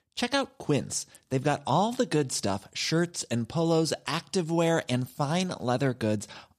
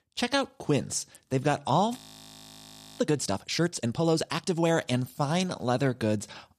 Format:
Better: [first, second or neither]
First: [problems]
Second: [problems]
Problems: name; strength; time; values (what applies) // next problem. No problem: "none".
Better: first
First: none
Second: audio freezing; at 2 s for 1 s